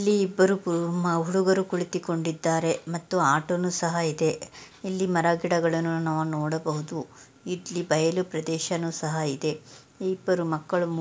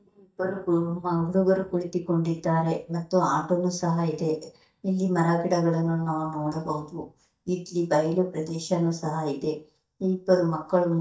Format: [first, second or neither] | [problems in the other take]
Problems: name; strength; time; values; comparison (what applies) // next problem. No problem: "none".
first | noise reduction (neural mask model DeepFilterNet 3)